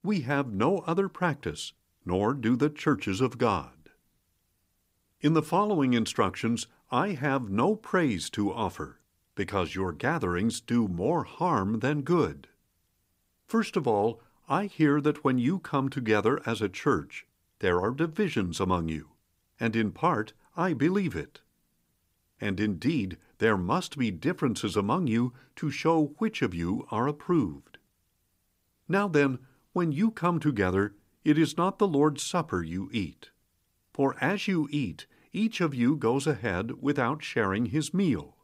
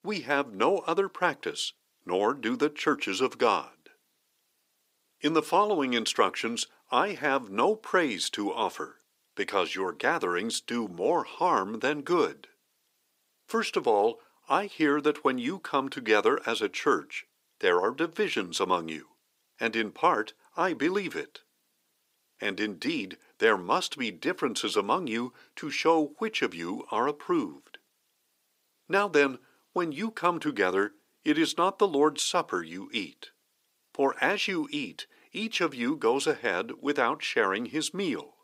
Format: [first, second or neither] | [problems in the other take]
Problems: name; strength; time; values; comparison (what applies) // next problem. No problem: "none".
first | thin; somewhat; fading below 400 Hz